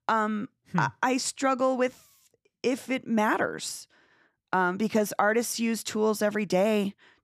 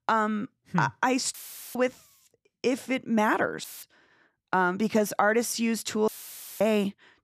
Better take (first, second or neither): first